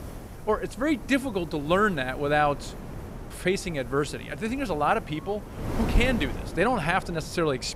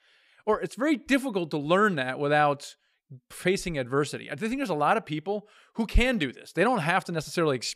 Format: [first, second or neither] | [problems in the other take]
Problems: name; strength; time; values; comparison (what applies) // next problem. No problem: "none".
second | wind noise on the microphone; occasional gusts; 15 dB below the speech